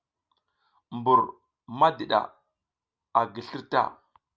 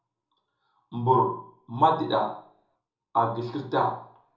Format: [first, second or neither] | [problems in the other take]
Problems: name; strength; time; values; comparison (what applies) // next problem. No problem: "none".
first | room echo; dies away in 0.6 s